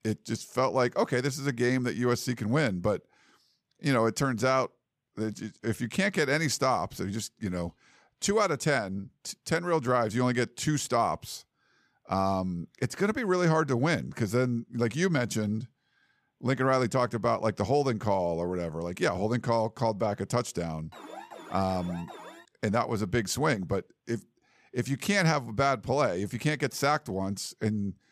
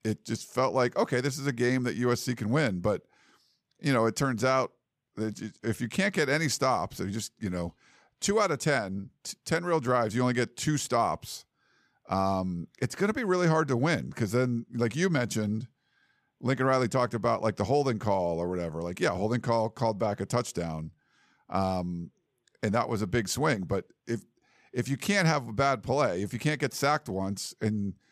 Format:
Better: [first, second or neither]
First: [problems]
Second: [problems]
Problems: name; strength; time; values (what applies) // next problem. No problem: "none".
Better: second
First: alarm; faint; from 21 to 22 s; peak 15 dB below the speech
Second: none